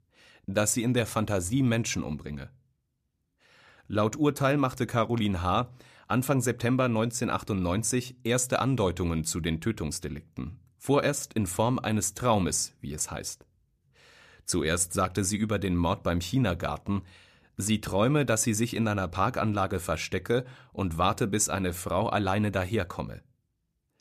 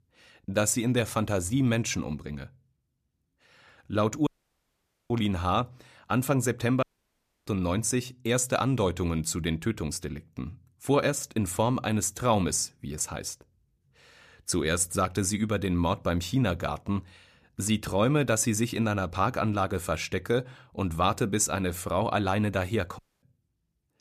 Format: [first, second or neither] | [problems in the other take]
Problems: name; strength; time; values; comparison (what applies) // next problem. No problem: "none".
first | audio cutting out; at 4.5 s for 1 s, at 7 s for 0.5 s and at 23 s